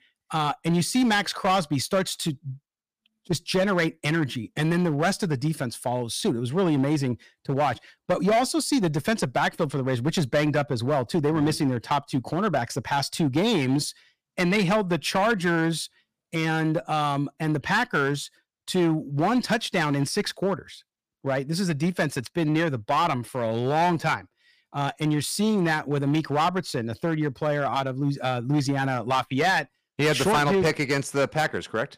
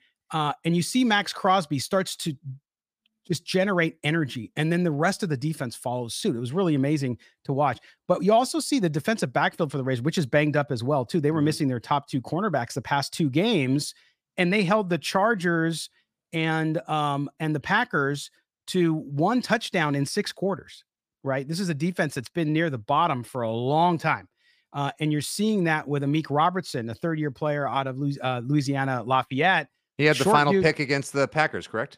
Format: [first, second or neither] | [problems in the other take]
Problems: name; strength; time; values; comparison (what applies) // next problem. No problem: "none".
second | distortion; slight; 8% of the sound clipped